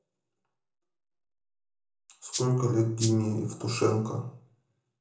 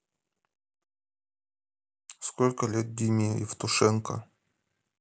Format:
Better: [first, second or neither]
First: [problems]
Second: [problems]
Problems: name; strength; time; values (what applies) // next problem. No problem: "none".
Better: second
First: background sound (Rattle (instrument)); 6 dB below the speech // room echo; dies away in 0.6 s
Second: none